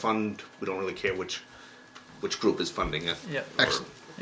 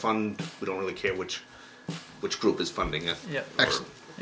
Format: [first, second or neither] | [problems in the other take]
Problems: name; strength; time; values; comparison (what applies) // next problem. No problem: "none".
first | background sound (Snare drum); 15 dB below the speech